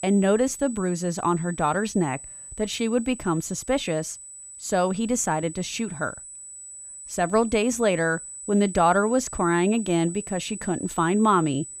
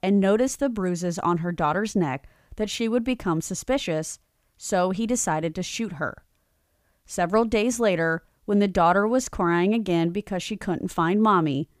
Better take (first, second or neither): second